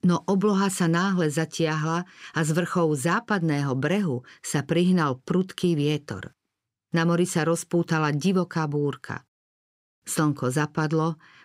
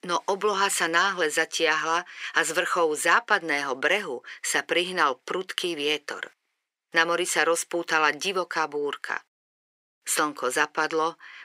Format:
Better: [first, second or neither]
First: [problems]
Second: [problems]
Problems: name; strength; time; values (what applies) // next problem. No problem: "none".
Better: first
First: none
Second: thin; very; fading below 450 Hz